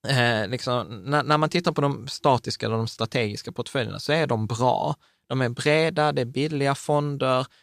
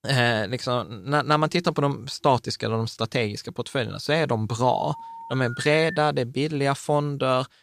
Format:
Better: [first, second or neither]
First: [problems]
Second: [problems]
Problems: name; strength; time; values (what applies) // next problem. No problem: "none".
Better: first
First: none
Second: phone ringing; noticeable; from 5 to 6 s; peak 9 dB below the speech